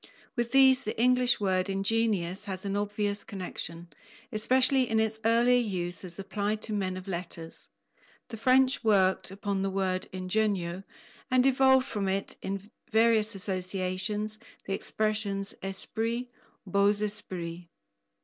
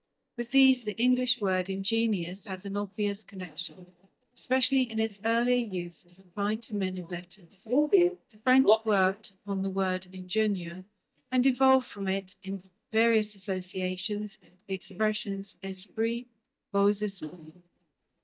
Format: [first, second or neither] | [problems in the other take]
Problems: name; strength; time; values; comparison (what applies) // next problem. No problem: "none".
first | noise reduction (neural mask model DeepFilterNet 3)